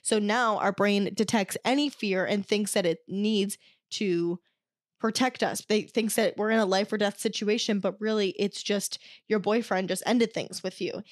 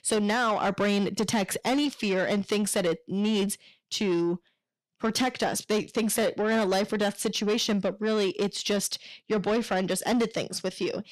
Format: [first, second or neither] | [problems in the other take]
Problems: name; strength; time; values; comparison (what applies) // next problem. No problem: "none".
first | distortion; slight; 10 dB below the speech